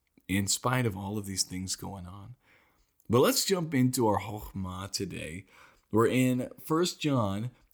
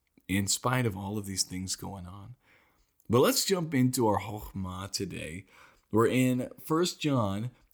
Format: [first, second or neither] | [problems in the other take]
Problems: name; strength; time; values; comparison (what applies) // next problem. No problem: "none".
neither | none